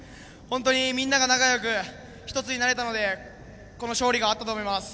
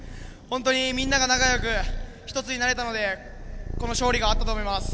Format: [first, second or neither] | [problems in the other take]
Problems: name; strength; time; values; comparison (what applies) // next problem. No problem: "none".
first | background sound (Purr); 4 dB below the speech